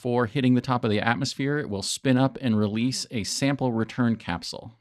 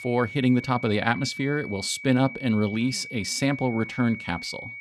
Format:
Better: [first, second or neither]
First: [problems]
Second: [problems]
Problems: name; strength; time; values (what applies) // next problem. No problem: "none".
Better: first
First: none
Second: high-pitched whine; noticeable; throughout; 2.5 kHz, 10 dB below the speech